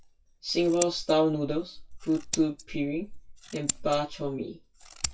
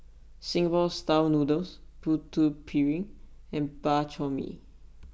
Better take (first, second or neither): second